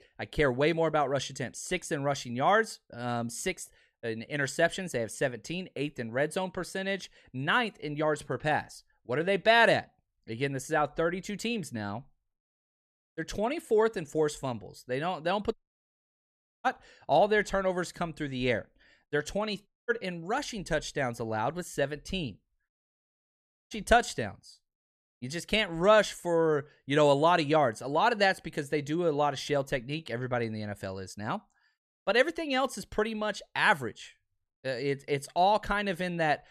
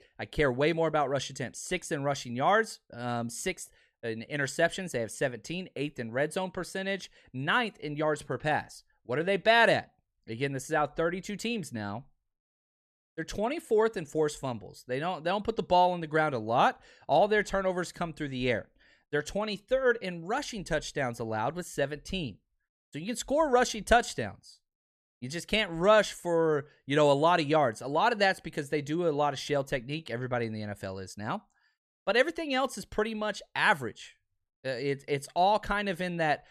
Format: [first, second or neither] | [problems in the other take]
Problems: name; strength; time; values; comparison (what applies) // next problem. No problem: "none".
second | audio cutting out; at 16 s for 1 s, at 20 s and at 23 s for 1 s